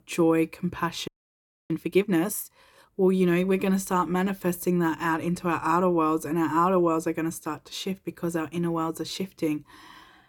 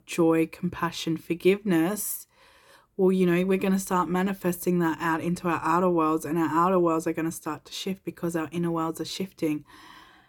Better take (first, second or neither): second